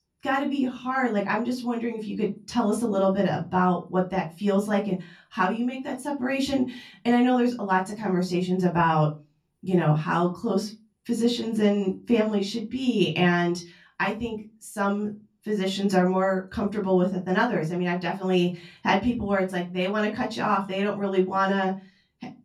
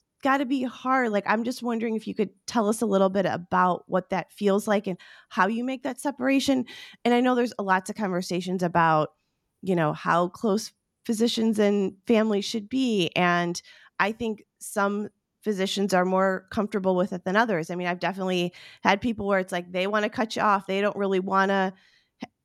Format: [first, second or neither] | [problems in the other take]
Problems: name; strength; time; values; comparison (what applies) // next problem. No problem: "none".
second | off-mic speech; far // room echo; very slight; dies away in 0.2 s